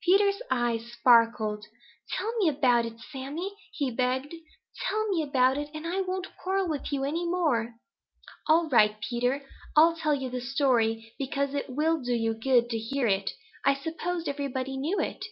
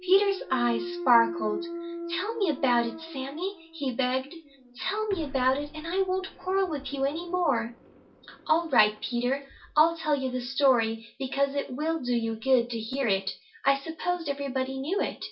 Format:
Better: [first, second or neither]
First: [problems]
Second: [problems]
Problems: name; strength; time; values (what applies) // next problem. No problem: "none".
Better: first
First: none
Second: background sound (Thump, thud); 15 dB below the speech // room echo; dies away in 0.2 s